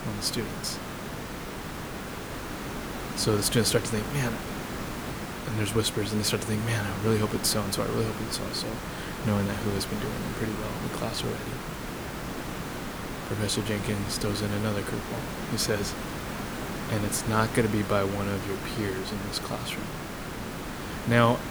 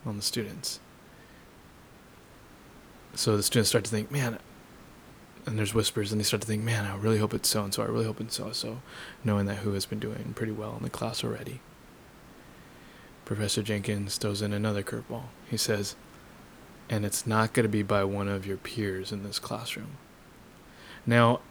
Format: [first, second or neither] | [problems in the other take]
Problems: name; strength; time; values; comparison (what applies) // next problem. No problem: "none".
second | hiss; loud; throughout; 6 dB below the speech; faint in the second